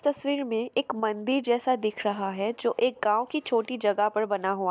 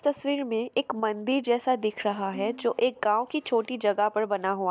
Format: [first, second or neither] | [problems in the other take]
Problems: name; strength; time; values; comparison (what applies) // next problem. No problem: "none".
first | background sound (Bowed string instrument); 18 dB below the speech